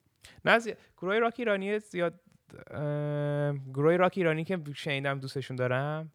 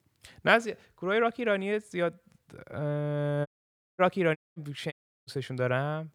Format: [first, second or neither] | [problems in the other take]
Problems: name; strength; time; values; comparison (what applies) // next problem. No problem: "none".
first | audio cutting out; at 3.5 s for 0.5 s, at 4.5 s and at 5 s